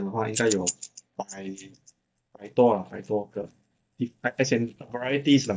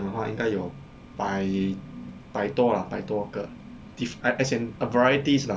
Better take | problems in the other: second | noise reduction (neural mask model DeepFilterNet 3)

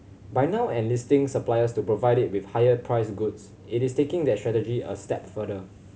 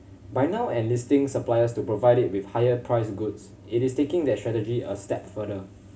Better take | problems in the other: first | room echo; dies away in 0.2 s

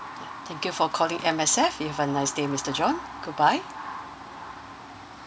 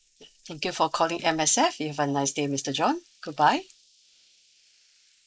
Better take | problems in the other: first | noise reduction (neural mask model Resemble Enhance denoiser)

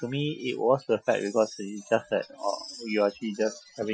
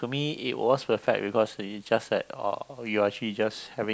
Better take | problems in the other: second | noise reduction (classical method Wiener filter)

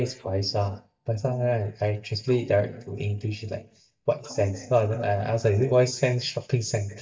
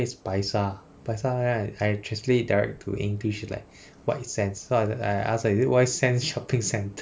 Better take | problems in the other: second | noise reduction (neural mask model DeepFilterNet 3)

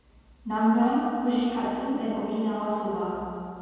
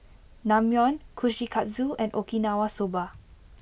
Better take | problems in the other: second | room echo; dies away in 2.1 s

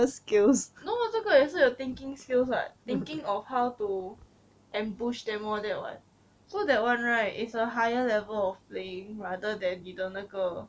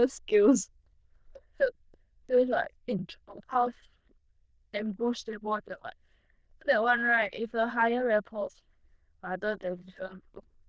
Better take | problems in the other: first | noise reduction (neural diffusion model UNIVERSE++)

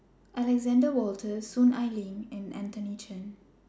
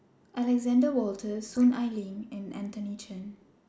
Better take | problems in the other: first | noise reduction (neural mask model Resemble Enhance denoiser)

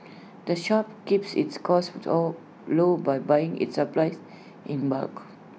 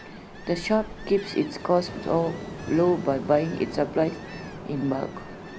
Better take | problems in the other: first | background sound (Ocean); 12 dB below the speech

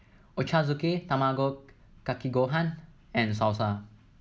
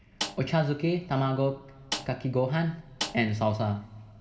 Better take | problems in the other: first | background sound (Snare drum); 11 dB below the speech // room echo; dies away in 2.8 s

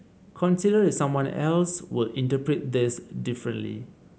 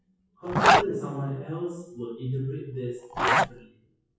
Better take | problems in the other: first | noise reduction (classical method WPE with log-MMSE)

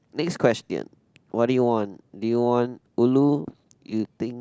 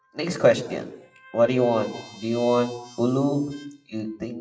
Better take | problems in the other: first | noise reduction (classical method WPE with log-MMSE)

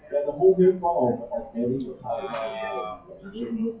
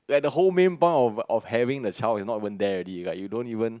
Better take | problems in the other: second | noise reduction (classical method WPE with log-MMSE)

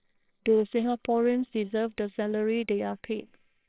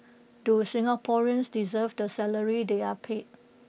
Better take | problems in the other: second | noise reduction (neural separator model SepFormer WHAMR!)

